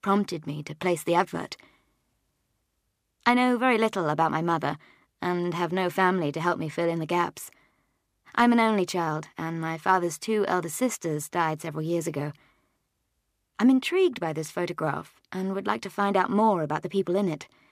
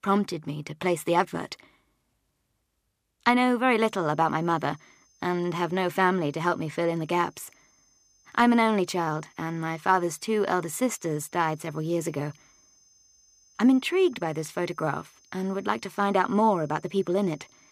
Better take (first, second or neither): first